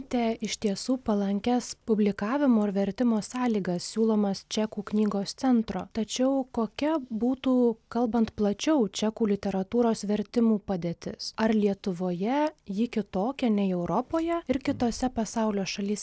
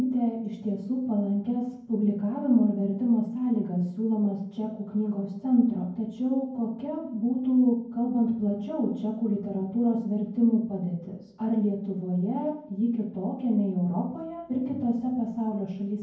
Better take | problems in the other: first | room echo; dies away in 0.9 s

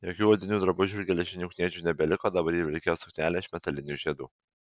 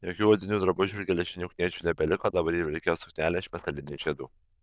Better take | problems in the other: first | noise reduction (neural diffusion model UNIVERSE++)

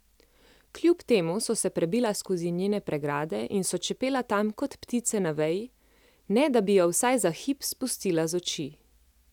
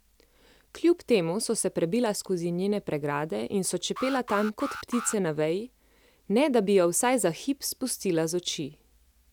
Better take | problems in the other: first | background sound (Alarm); 11 dB below the speech

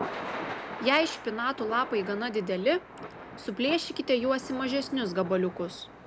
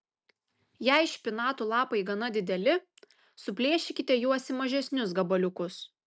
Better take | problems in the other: second | background sound (Thunder / Rain); 11 dB below the speech

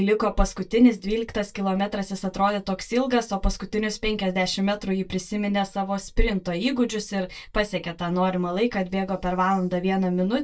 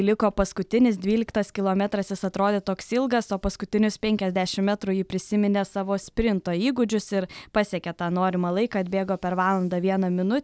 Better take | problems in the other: second | noise reduction (neural mask model DeepFilterNet 3)

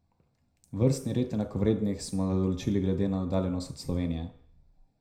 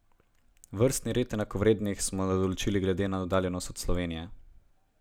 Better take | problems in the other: second | room echo; dies away in 0.5 s

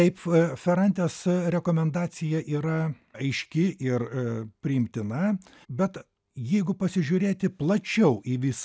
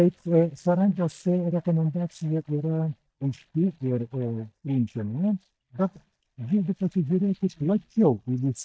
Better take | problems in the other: first | noise reduction (neural mask model DeepFilterNet 3)

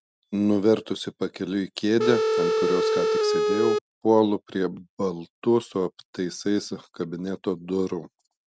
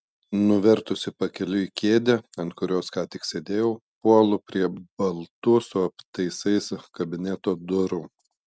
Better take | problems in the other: second | background sound (Telephone); 3 dB above the speech

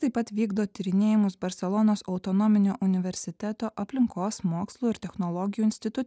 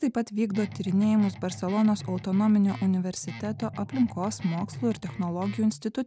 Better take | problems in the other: first | background sound (Guitar); 14 dB below the speech

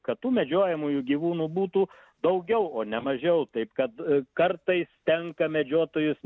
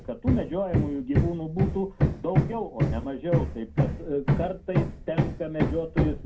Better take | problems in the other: first | background sound (Hammer); 4 dB above the speech // room echo; dies away in 0.2 s

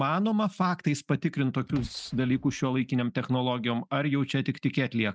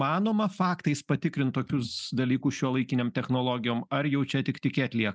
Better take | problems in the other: second | noise reduction (neural mask model RNNoise)

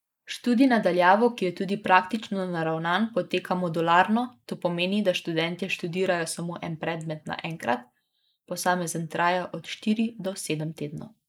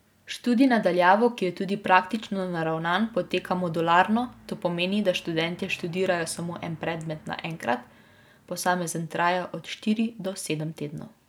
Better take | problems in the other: second | noise reduction (neural mask model Resemble Enhance denoiser)

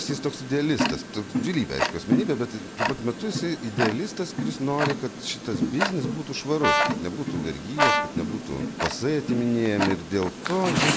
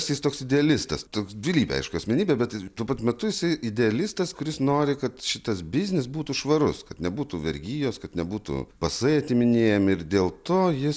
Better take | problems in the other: second | background sound (Tick-tock + Brass instrument); as loud as the speech

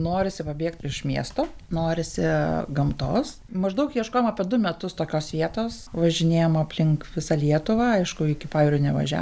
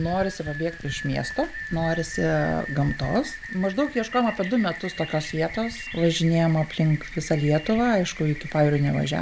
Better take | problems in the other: first | background sound (Rain); 13 dB below the speech

